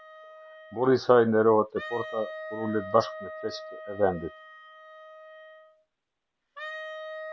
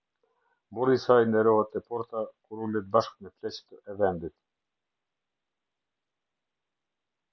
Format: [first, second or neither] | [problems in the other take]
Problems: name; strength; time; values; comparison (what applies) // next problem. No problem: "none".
second | background sound (Wind instrument, woodwind instrument); 13 dB below the speech